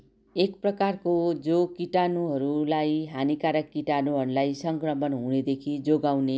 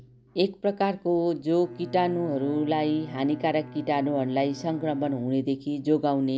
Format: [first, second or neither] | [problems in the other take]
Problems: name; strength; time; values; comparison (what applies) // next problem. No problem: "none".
first | background sound (Bowed string instrument); 18 dB below the speech